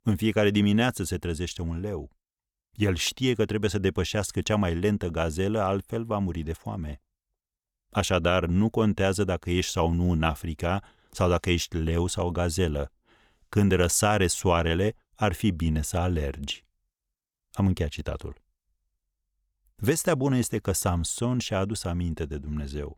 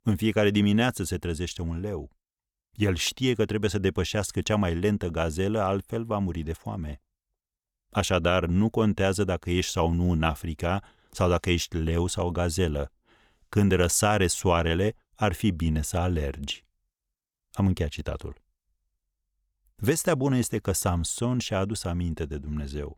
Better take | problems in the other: neither | none

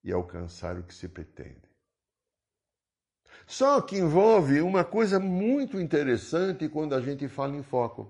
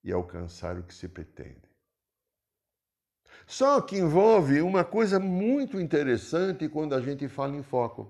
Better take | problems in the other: second | garbled, watery; slightly; nothing above 10.5 kHz

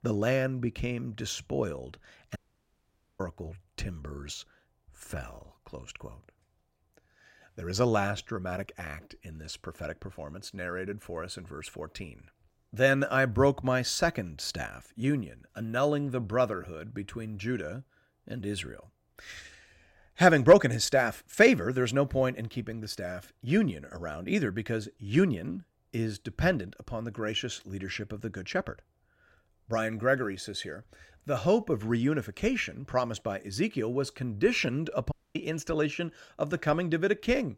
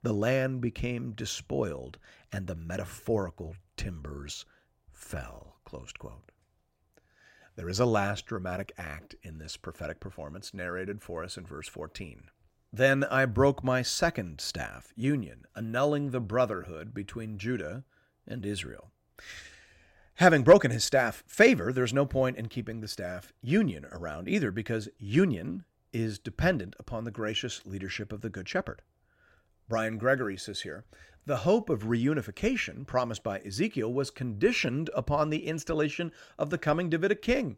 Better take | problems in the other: second | audio cutting out; at 2.5 s for 1 s and at 35 s

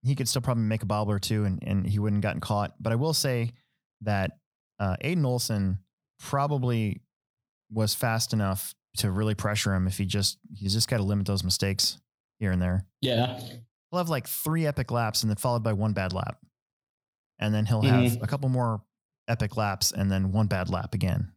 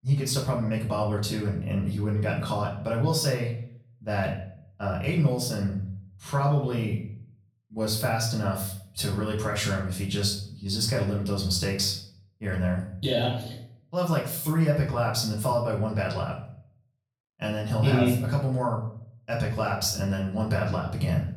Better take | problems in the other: first | room echo; slight; dies away in 0.5 s // off-mic speech; far

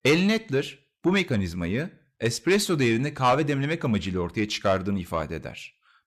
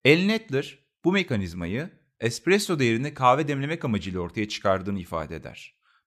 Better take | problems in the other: second | distortion; slight; 10 dB below the speech

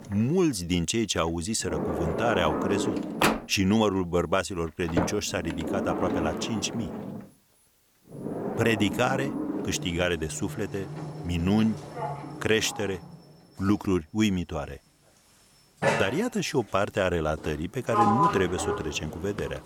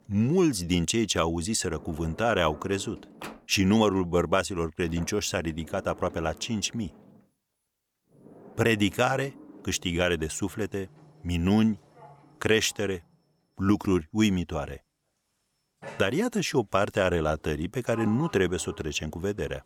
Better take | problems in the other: second | household noises; loud; throughout; 3 dB below the speech; faint in the second

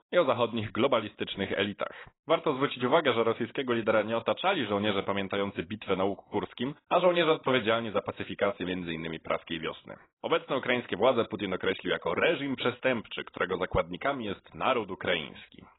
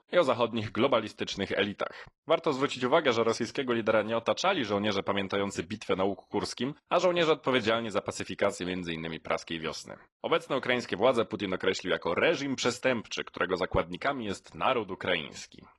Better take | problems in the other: second | garbled, watery; badly; nothing above 4 kHz; slightly in the second

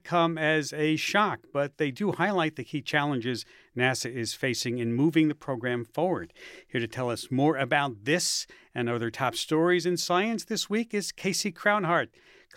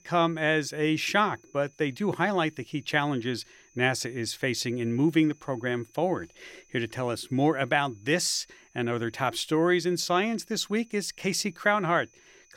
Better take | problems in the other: first | high-pitched whine; faint; throughout; 6 kHz, 30 dB below the speech

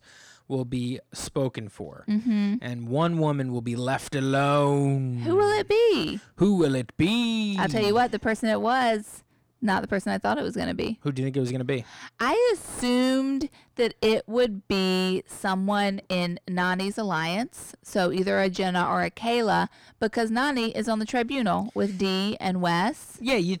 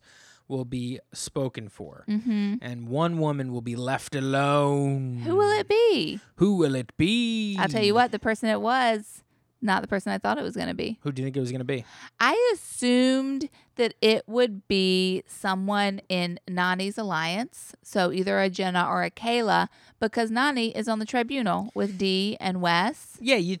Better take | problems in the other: second | distortion; slight; 10 dB below the speech

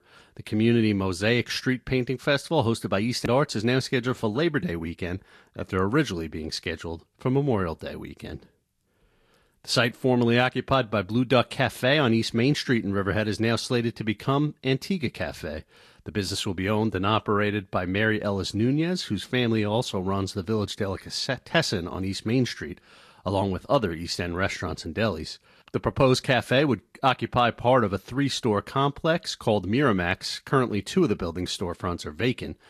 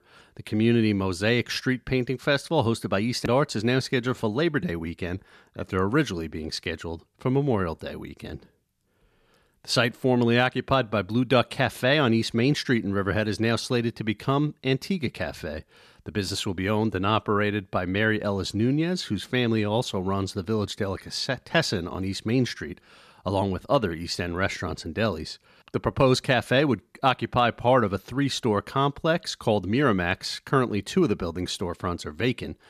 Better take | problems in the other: second | garbled, watery; slightly; nothing above 12.5 kHz

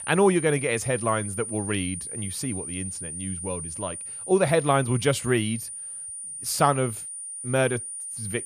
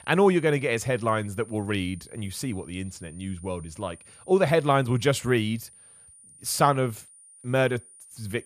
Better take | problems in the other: second | high-pitched whine; loud; throughout; 9.5 kHz, 7 dB below the speech; faint in the second

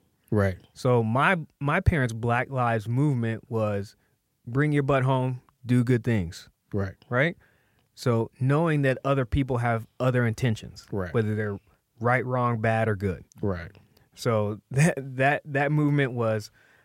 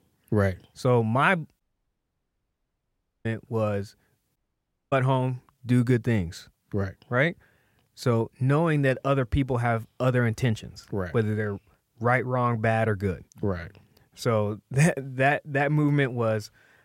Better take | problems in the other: first | audio cutting out; at 1.5 s for 1.5 s and at 4.5 s for 0.5 s

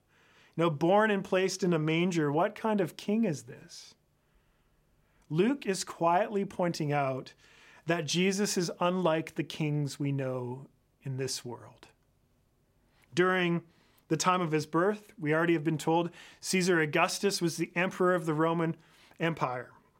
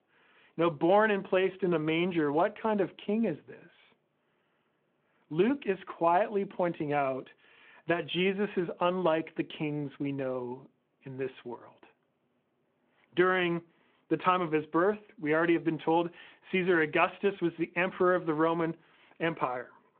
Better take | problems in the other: first | phone-call audio

